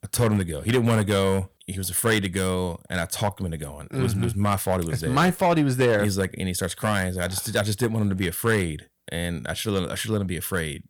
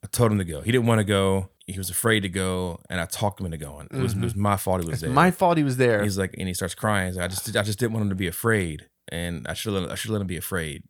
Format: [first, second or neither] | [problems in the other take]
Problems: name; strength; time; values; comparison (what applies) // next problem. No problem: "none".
second | distortion; slight; 4% of the sound clipped